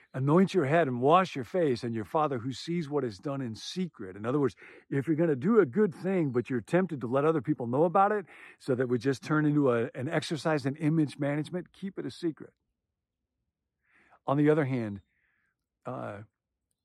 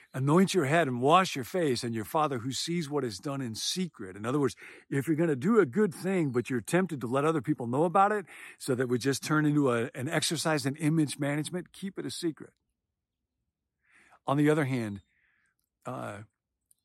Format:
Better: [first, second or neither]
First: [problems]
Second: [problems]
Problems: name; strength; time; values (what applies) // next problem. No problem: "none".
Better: second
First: muffled; slightly; fading above 2 kHz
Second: none